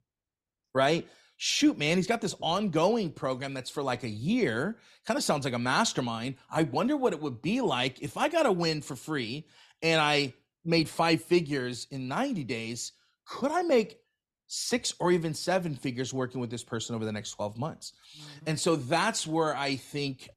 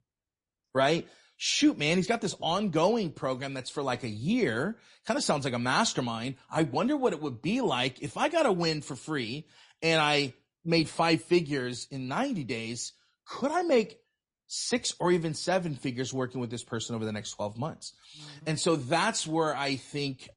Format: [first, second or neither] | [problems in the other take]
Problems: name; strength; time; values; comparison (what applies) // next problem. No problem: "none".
first | garbled, watery; slightly; nothing above 10.5 kHz